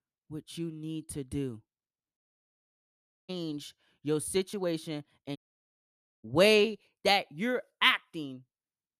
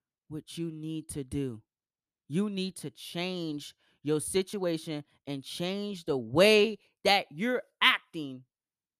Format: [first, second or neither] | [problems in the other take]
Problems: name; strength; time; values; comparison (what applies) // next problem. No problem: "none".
second | audio cutting out; at 2 s for 1 s and at 5.5 s for 1 s